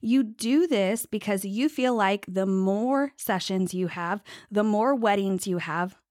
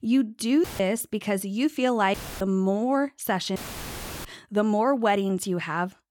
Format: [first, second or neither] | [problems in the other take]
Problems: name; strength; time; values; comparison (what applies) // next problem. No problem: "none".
first | audio cutting out; filled with static; at 0.5 s, at 2 s and at 3.5 s for 0.5 s